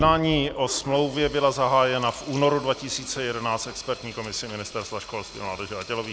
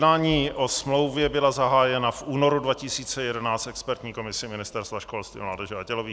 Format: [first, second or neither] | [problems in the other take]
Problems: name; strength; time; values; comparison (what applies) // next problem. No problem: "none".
second | background sound (Sink (filling or washing)); 15 dB below the speech